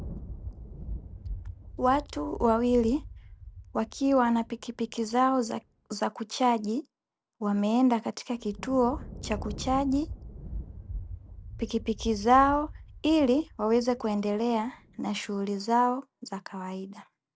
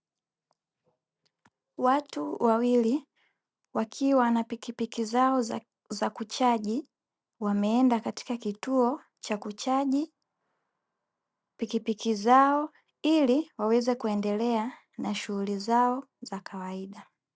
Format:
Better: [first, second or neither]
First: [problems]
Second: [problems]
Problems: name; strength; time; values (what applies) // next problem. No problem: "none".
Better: second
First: background sound (Thunder); 14 dB below the speech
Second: none